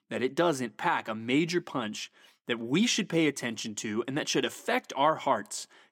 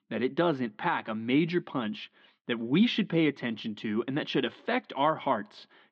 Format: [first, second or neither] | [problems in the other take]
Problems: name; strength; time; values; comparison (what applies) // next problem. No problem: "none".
first | muffled; slightly; fading above 4 kHz